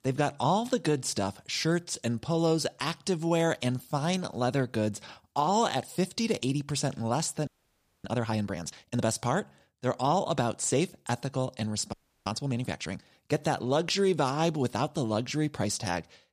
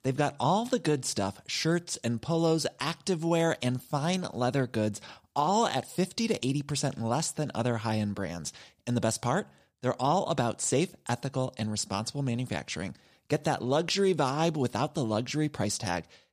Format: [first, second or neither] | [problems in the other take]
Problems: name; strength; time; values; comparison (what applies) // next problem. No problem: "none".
second | audio freezing; at 7.5 s for 0.5 s and at 12 s